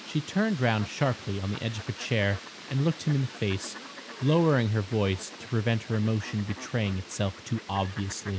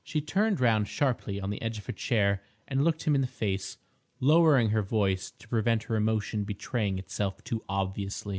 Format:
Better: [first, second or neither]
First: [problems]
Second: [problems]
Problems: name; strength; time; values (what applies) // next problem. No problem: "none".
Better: second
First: background sound (Fowl); 15 dB below the speech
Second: none